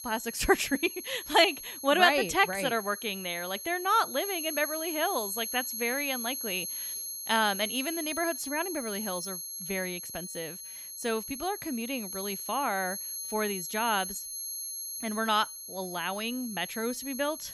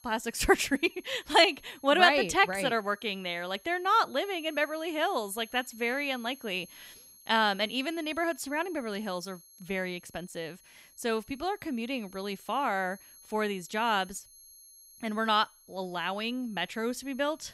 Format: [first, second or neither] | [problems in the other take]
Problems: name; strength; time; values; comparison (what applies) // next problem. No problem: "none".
second | high-pitched whine; loud; throughout; 11.5 kHz, 6 dB below the speech; faint in the second